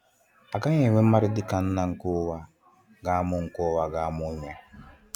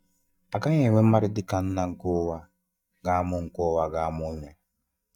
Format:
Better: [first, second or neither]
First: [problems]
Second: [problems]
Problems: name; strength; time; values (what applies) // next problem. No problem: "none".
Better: first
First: none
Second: noise reduction (neural mask model DeepFilterNet 3)